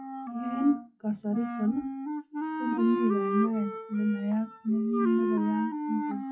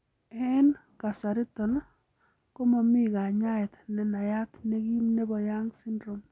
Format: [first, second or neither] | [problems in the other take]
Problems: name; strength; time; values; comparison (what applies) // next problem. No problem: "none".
second | noise reduction (classical method WPE with log-MMSE)